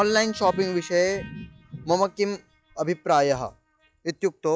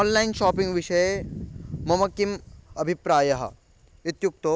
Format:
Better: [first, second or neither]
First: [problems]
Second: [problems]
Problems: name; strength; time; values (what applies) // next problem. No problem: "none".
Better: second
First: noise reduction (classical method log-MMSE)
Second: none